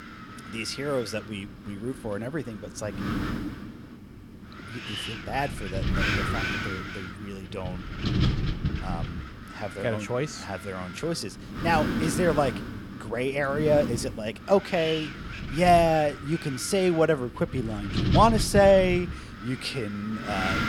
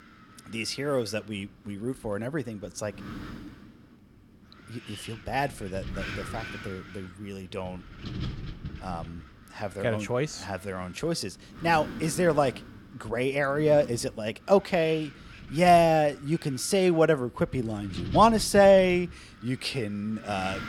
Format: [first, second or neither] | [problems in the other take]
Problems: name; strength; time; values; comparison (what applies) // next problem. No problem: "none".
second | wind noise on the microphone; heavy; 9 dB below the speech; occasional gusts in the second